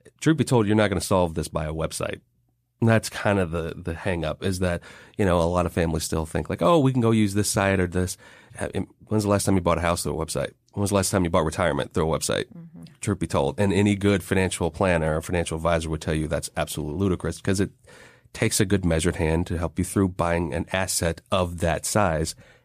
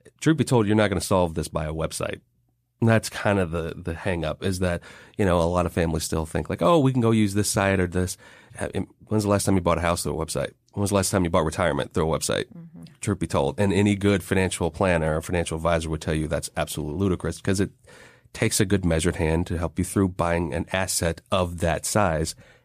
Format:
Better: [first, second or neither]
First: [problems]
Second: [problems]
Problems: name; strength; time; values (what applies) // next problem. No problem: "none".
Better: neither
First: none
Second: none